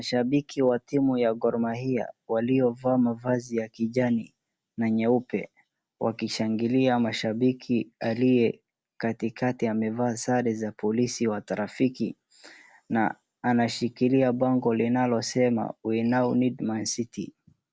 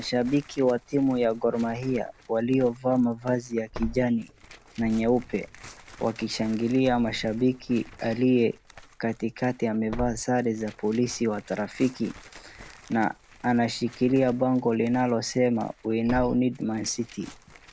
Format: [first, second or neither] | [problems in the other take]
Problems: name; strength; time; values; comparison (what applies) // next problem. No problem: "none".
first | background sound (Tearing + Boom); 18 dB below the speech